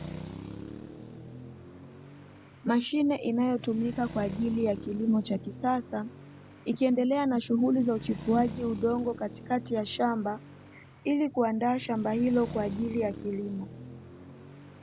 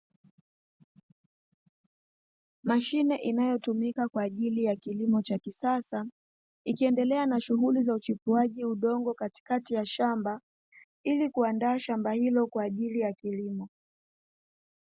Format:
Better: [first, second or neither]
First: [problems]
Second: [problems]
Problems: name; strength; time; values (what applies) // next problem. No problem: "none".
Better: second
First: background sound (Traffic noise, roadway noise); 14 dB below the speech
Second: none